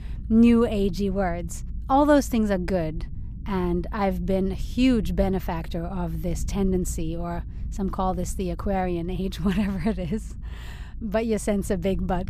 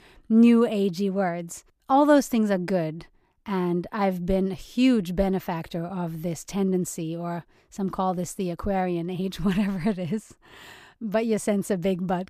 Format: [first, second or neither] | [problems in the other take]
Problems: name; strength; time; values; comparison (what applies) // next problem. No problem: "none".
second | low rumble; faint; throughout; 25 dB below the speech